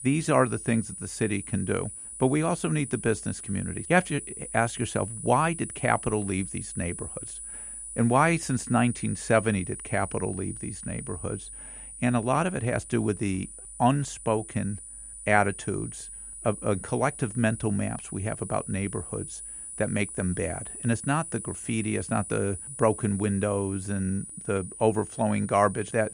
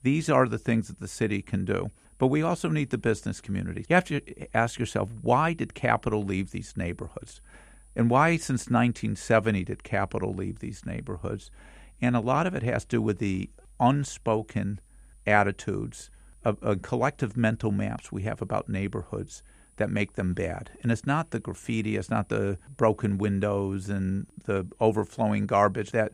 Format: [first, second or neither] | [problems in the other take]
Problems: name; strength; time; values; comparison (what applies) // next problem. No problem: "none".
second | high-pitched whine; loud; throughout; 9.5 kHz, 10 dB below the speech; faint in the second